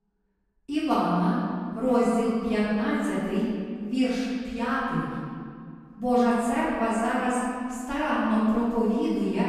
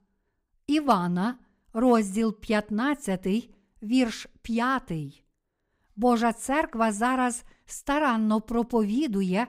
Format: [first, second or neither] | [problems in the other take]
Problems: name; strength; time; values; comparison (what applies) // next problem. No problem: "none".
second | room echo; strong; dies away in 2 s // off-mic speech; far